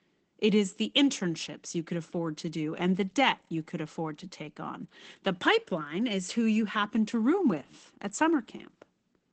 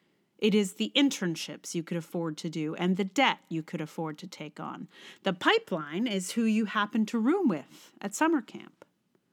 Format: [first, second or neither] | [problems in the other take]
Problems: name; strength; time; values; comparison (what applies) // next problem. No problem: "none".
second | garbled, watery; badly; nothing above 8 kHz